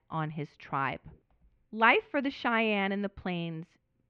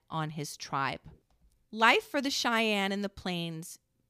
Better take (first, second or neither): second